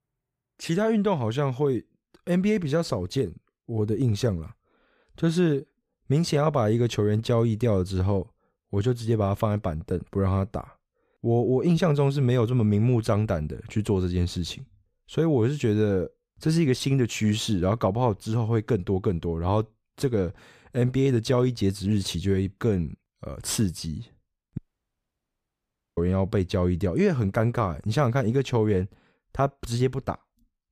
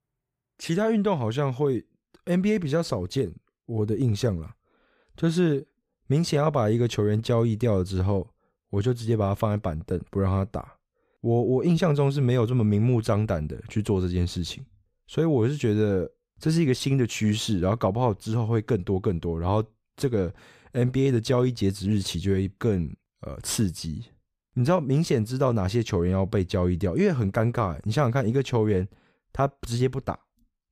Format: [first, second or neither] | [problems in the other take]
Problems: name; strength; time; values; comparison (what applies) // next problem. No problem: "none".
second | audio cutting out; at 25 s for 1.5 s